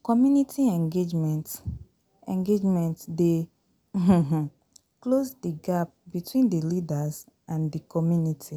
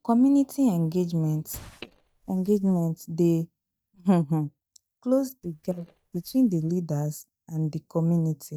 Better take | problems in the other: first | noise reduction (neural mask model DeepFilterNet 3)

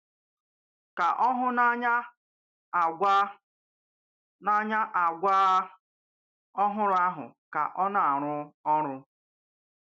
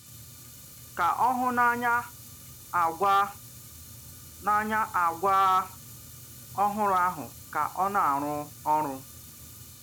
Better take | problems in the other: first | background sound (Fire); 18 dB below the speech

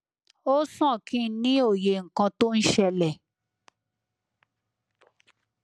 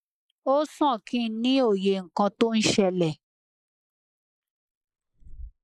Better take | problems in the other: first | noise reduction (neural mask model Resemble Enhance denoiser)

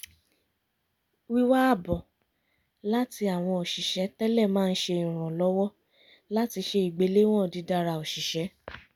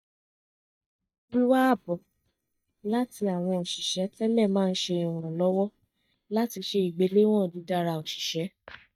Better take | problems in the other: first | noise reduction (neural mask model DeepFilterNet 3)

